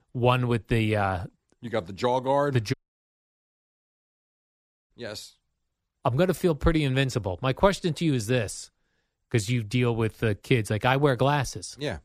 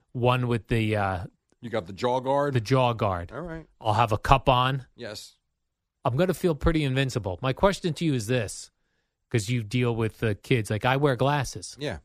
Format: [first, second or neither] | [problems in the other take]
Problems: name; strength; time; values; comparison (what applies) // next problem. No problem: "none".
second | audio cutting out; at 2.5 s for 2 s